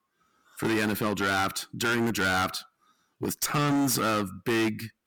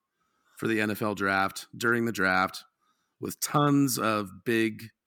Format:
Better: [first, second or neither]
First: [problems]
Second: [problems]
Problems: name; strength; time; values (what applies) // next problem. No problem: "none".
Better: second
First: distortion; heavy; 18% of the sound clipped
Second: none